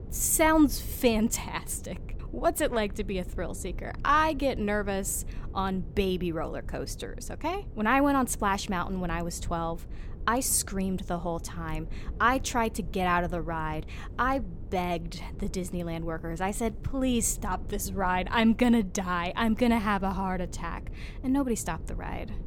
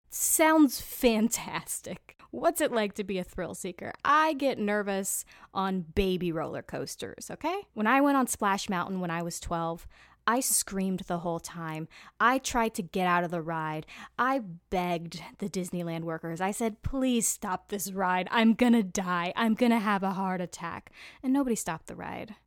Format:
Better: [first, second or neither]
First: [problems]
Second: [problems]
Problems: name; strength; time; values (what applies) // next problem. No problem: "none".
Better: second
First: low rumble; faint; throughout; 25 dB below the speech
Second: none